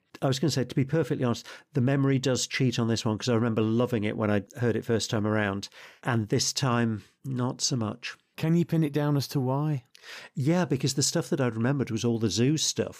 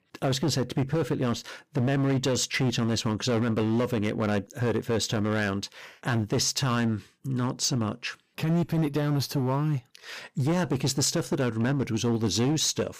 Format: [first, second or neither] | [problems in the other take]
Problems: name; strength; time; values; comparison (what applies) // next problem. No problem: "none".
first | distortion; slight; 14% of the sound clipped